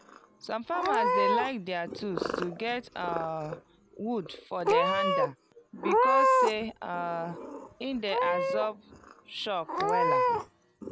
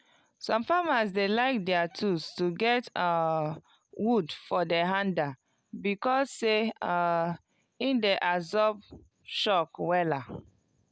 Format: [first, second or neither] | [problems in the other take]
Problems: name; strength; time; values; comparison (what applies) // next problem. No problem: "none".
second | background sound (Meow / Purr); 5 dB above the speech